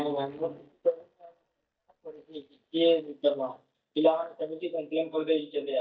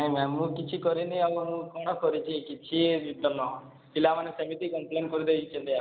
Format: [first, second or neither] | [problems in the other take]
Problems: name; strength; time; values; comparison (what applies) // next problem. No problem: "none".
second | noise reduction (neural mask model DeepFilterNet 3)